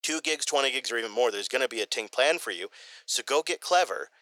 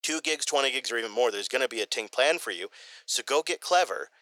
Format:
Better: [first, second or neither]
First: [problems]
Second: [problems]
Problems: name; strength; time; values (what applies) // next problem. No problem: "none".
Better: neither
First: thin; very; fading below 500 Hz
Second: thin; very; fading below 500 Hz